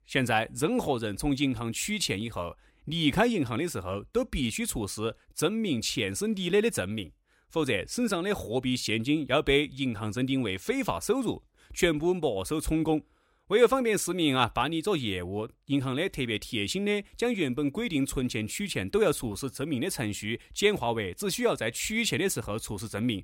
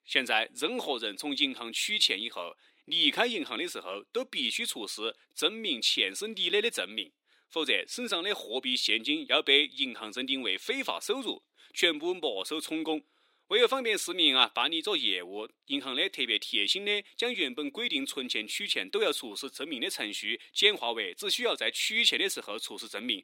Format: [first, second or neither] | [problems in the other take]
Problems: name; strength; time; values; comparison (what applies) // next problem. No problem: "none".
first | thin; very slightly; fading below 300 Hz